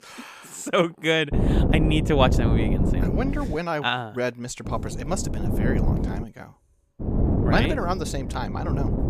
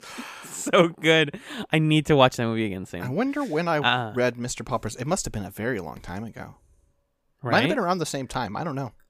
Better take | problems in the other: second | wind noise on the microphone; heavy; from 1.5 to 3.5 s, from 4.5 to 6 s and from 7 s on; 6 dB below the speech

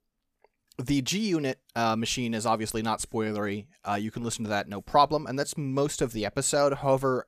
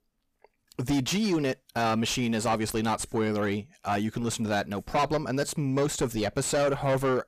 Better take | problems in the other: first | distortion; heavy; 8 dB below the speech

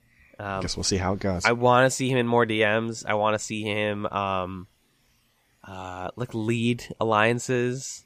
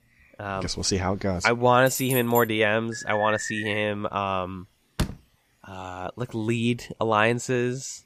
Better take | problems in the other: first | jangling keys; noticeable; at 2 s; peak 6 dB below the speech // alarm; noticeable; at 3 s; peak 7 dB below the speech // door banging; noticeable; at 5 s; peak 7 dB below the speech

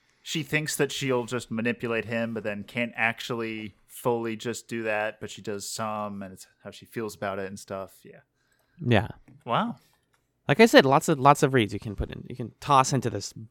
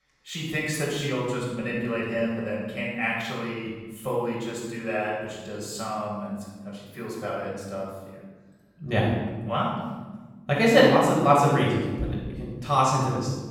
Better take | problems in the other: first | off-mic speech; far // room echo; strong; dies away in 1.3 s

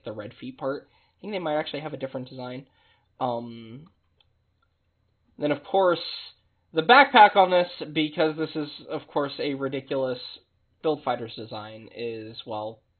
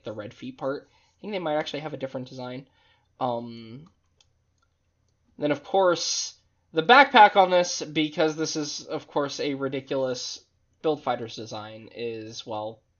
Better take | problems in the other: second | garbled, watery; badly; nothing above 4 kHz; slightly in the second

